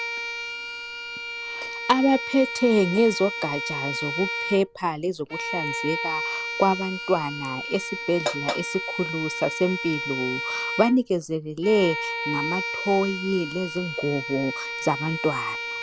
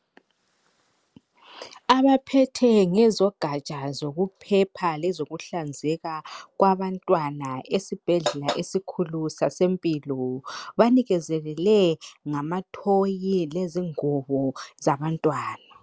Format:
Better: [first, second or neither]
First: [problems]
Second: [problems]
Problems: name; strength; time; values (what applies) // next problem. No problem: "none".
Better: second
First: background sound (Bowed string instrument); 6 dB below the speech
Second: none